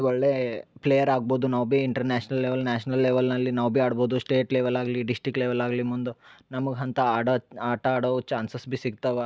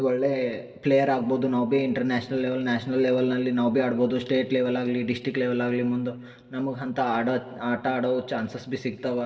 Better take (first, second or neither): first